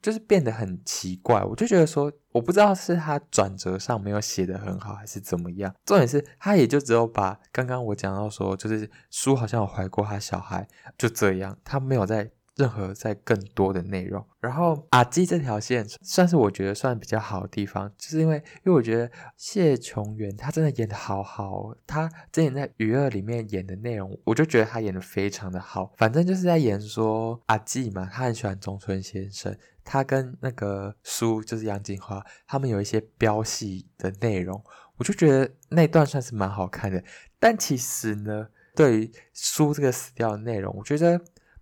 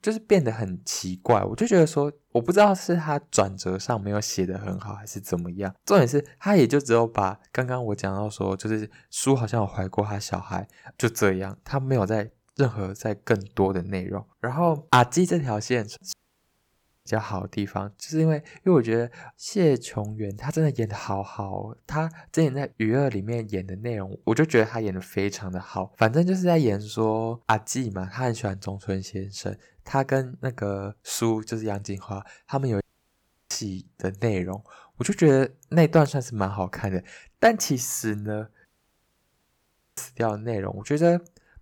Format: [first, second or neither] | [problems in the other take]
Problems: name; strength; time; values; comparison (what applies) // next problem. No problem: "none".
first | audio cutting out; at 16 s for 1 s, at 33 s for 0.5 s and at 39 s for 1.5 s